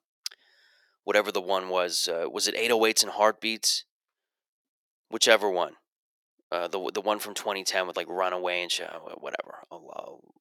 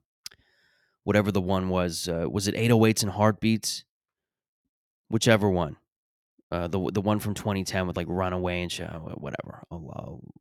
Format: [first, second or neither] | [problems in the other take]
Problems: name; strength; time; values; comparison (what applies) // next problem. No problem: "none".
second | thin; very; fading below 450 Hz